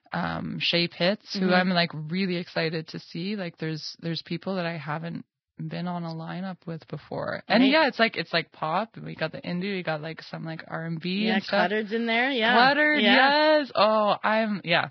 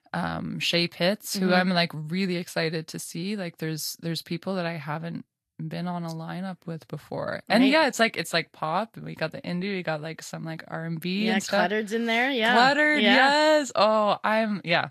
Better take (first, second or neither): second